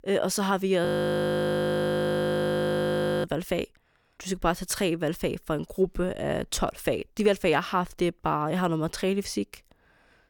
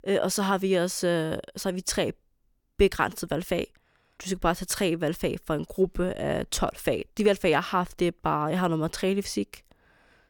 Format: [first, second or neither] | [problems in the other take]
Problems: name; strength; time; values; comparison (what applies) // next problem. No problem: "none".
second | audio freezing; at 1 s for 2.5 s